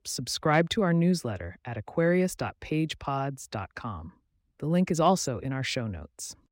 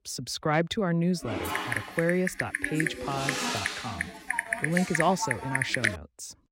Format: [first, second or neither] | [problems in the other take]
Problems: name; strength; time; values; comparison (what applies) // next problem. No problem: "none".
first | keyboard typing; loud; from 1 to 6 s; peak 3 dB above the speech